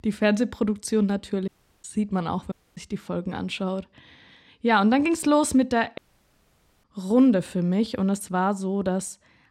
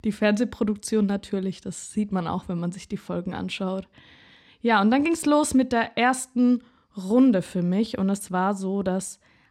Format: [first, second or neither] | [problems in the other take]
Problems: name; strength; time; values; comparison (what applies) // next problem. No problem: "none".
second | audio cutting out; at 1.5 s, at 2.5 s and at 6 s for 1 s